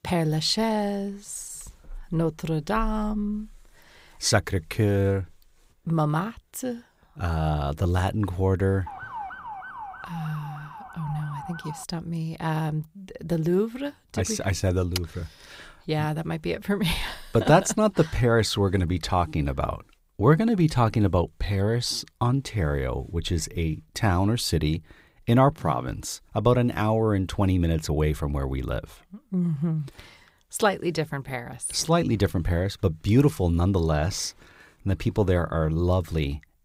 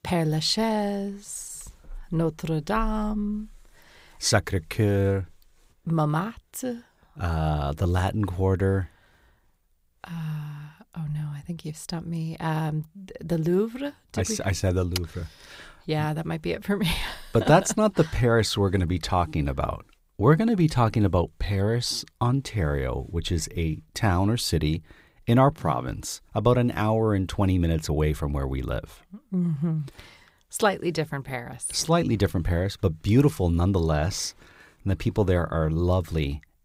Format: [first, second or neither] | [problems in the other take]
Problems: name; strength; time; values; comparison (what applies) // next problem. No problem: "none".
second | siren; faint; from 9 to 12 s; peak 10 dB below the speech